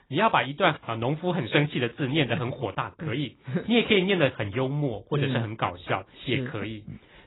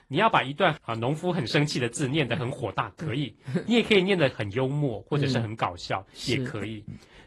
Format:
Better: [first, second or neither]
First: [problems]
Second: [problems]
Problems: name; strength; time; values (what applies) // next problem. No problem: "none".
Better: second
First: garbled, watery; badly; nothing above 4 kHz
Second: garbled, watery; slightly